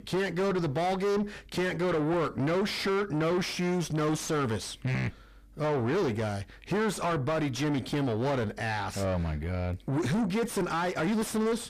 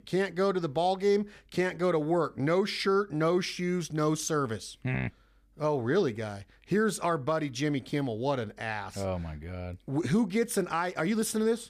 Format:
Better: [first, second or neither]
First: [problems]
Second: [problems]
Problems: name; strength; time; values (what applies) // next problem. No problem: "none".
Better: second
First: distortion; heavy; 6 dB below the speech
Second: none